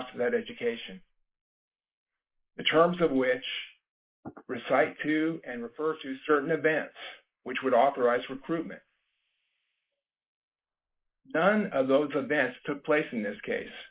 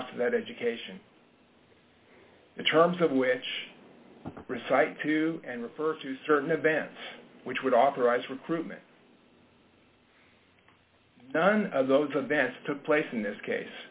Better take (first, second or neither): second